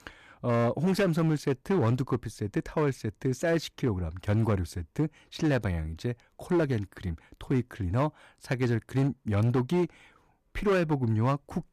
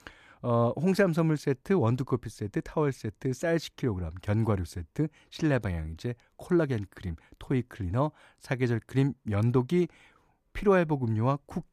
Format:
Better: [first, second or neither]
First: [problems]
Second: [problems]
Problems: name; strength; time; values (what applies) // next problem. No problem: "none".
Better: second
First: distortion; slight; 7% of the sound clipped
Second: none